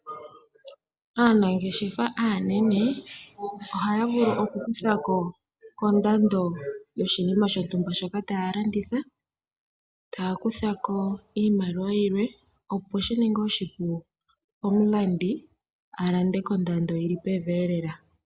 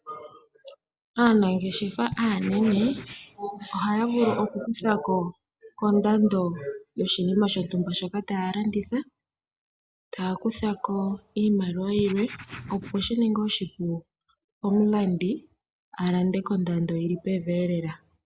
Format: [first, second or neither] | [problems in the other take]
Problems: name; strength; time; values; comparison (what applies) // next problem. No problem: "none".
first | background sound (Writing); 13 dB below the speech